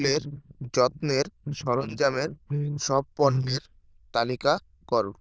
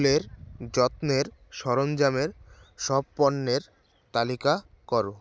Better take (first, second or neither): second